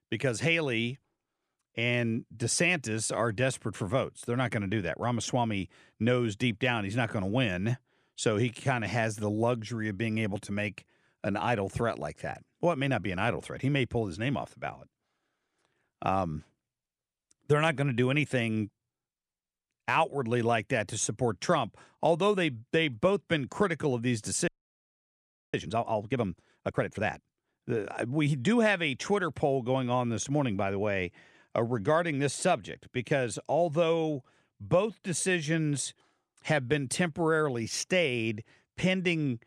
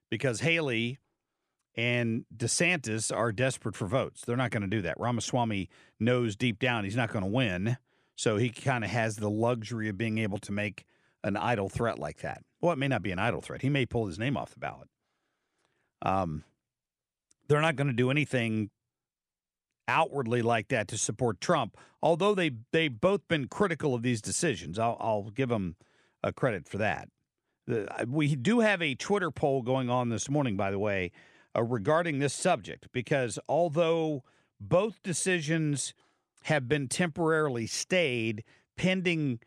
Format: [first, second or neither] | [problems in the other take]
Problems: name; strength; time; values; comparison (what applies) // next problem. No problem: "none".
second | audio freezing; at 24 s for 1 s